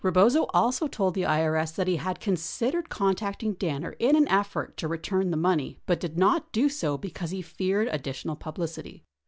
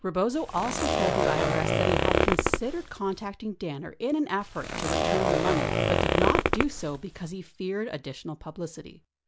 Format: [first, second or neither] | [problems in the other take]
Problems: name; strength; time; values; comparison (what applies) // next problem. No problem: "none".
first | background sound (Zipper (clothing)); 5 dB above the speech